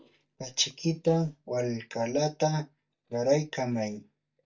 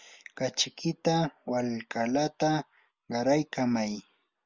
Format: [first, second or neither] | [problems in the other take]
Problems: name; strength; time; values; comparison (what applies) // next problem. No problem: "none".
second | noise reduction (neural mask model DeepFilterNet 3)